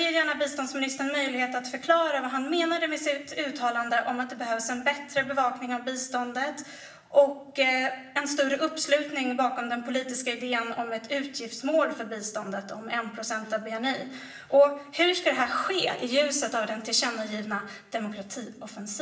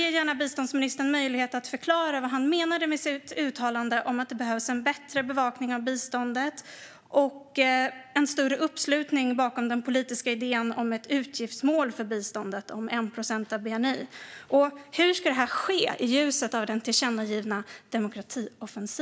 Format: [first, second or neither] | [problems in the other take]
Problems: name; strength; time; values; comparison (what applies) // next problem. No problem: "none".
second | room echo; dies away in 0.7 s